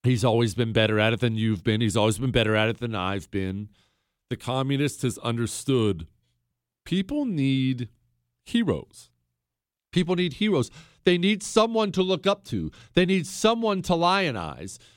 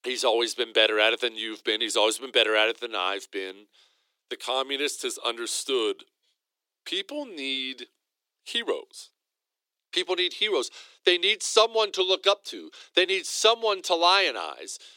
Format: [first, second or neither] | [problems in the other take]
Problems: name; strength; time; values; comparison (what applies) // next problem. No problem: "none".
first | thin; very; fading below 350 Hz